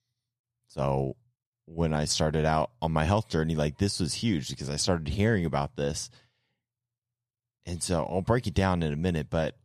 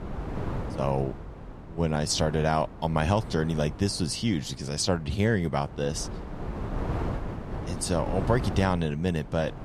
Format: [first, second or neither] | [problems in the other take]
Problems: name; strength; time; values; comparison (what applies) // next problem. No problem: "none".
first | wind noise on the microphone; occasional gusts; 10 dB below the speech